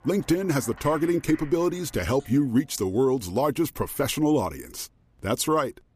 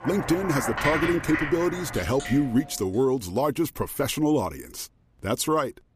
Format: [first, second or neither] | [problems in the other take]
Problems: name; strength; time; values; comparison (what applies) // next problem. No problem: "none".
first | household noises; loud; until 2.5 s; 5 dB below the speech; faint in the first